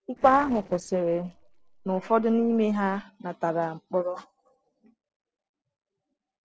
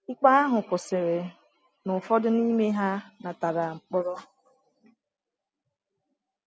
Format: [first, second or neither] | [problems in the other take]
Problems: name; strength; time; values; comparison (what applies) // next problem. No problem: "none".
second | noise reduction (neural separator model SepFormer DNS4)